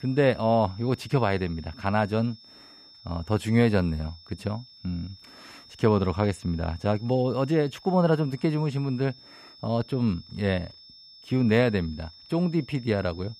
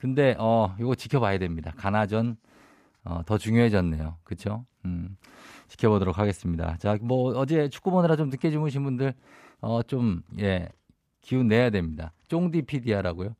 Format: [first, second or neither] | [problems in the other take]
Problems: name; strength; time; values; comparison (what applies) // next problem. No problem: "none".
second | high-pitched whine; faint; throughout; 5.5 kHz, 20 dB below the speech